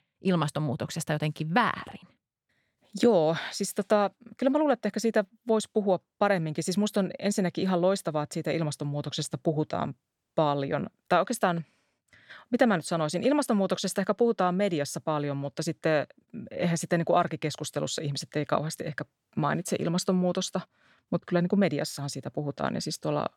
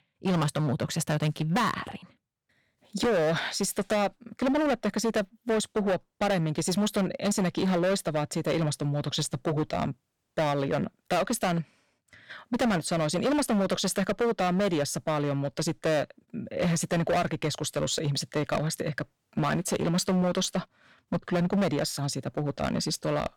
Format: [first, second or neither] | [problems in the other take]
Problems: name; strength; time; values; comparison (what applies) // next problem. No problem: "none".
first | distortion; heavy; 14% of the sound clipped